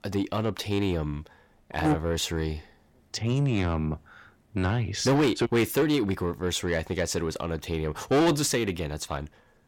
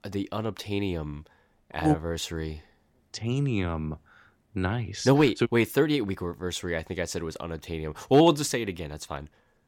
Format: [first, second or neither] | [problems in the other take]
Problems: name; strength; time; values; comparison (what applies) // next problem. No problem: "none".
second | distortion; heavy; 7 dB below the speech